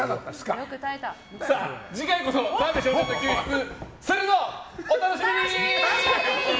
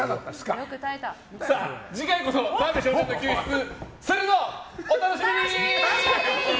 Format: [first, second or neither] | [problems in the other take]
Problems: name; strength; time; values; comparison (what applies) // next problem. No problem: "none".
second | background sound (Bowed string instrument); 16 dB below the speech